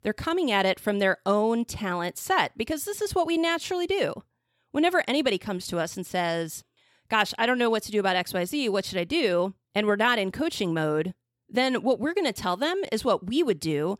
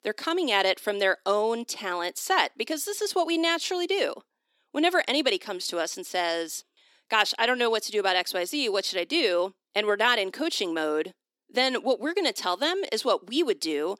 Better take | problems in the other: first | thin; very slightly; fading below 300 Hz

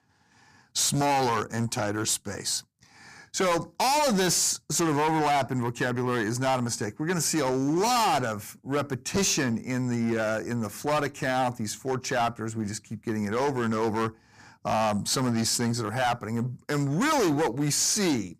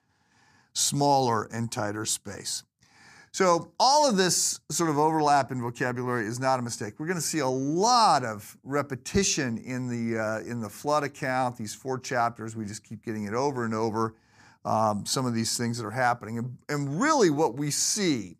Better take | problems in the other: second | distortion; heavy; 15% of the sound clipped

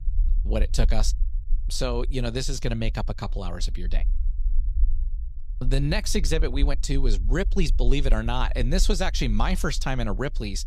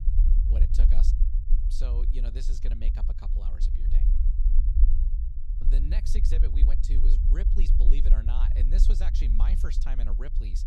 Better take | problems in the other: first | low rumble; loud; throughout; 3 dB below the speech; faint in the first

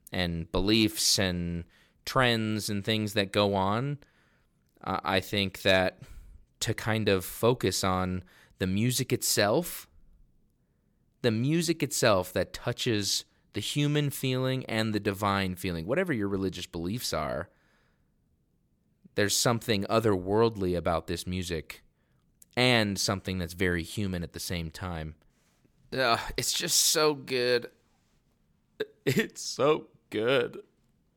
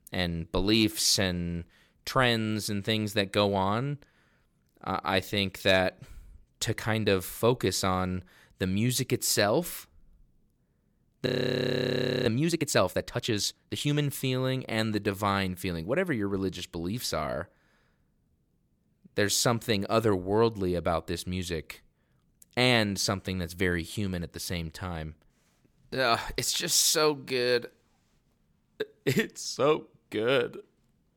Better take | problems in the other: first | audio freezing; at 11 s for 1 s

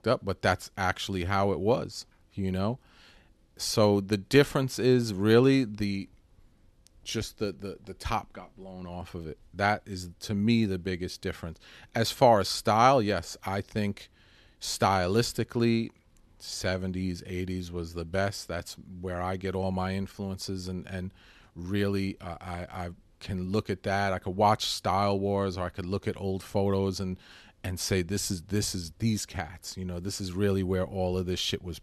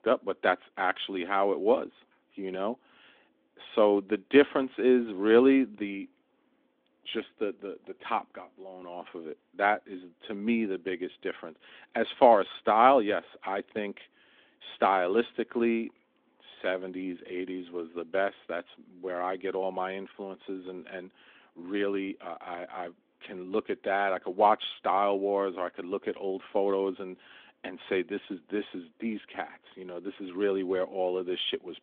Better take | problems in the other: first | phone-call audio; nothing above 3.5 kHz

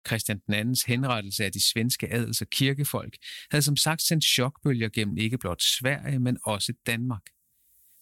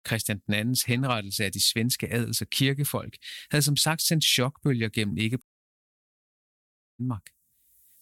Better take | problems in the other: first | audio cutting out; at 5.5 s for 1.5 s

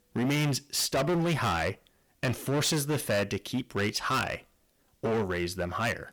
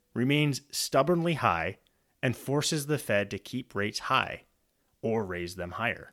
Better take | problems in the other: second | distortion; heavy; 16% of the sound clipped

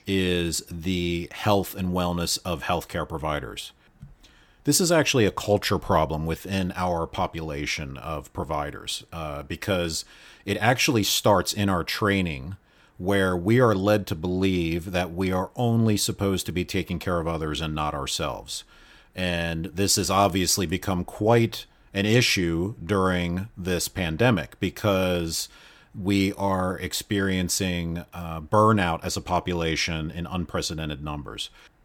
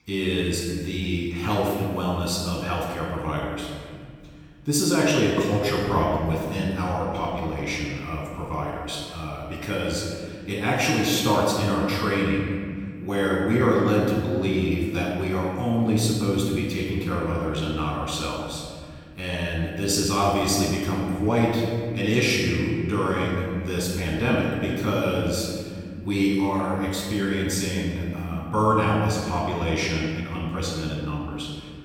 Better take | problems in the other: first | off-mic speech; far // room echo; noticeable; dies away in 2 s

